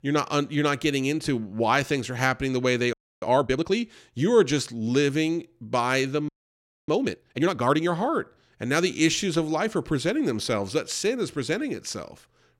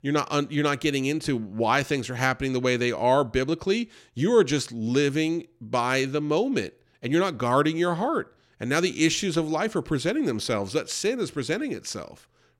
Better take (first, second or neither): second